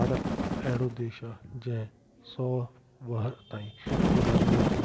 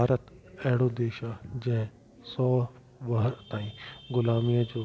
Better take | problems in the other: second | background sound (Bird); 3 dB above the speech

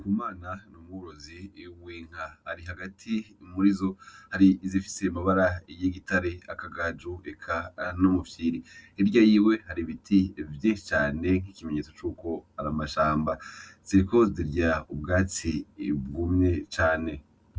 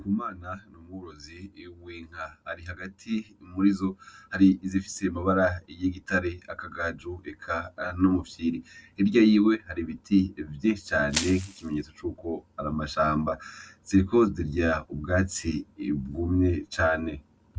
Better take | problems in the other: first | background sound (Crushing); 9 dB below the speech

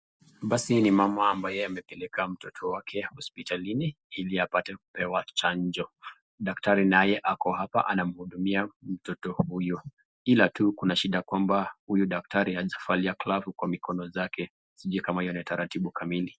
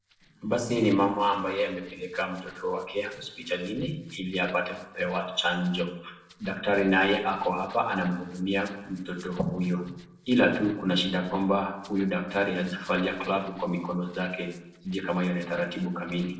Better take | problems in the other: first | noise reduction (neural separator model SepFormer DNS4)

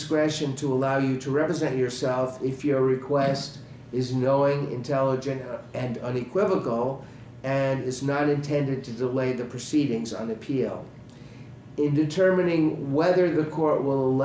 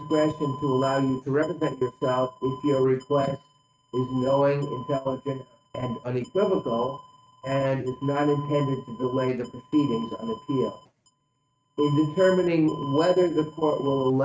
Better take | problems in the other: first | noise reduction (neural mask model RNNoise)

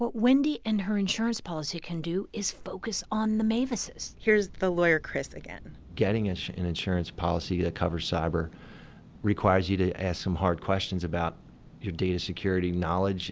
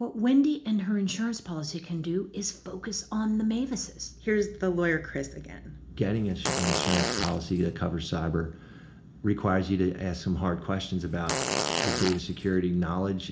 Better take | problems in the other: first | background sound (Fart); 2 dB below the speech // room echo; dies away in 0.4 s

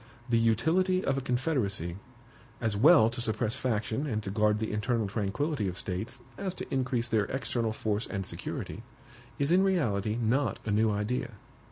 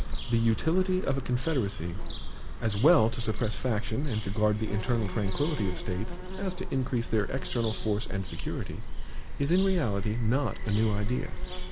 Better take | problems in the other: first | background sound (Bird vocalization, bird call, bird song); 1 dB below the speech

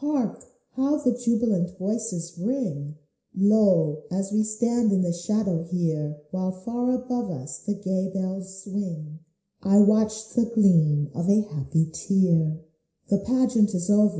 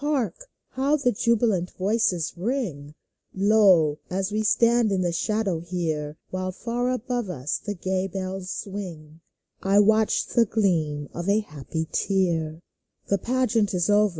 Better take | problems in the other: second | room echo; dies away in 0.5 s

